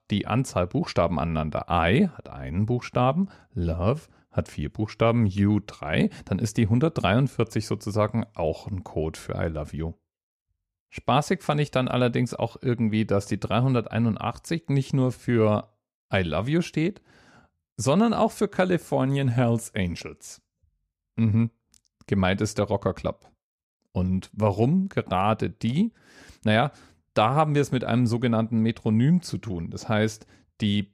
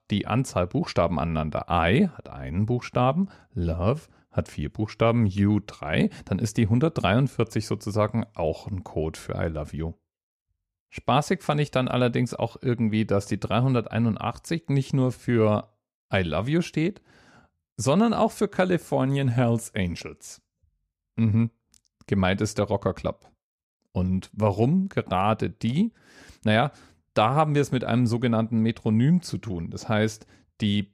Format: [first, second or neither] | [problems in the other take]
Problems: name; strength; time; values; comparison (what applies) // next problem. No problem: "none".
neither | none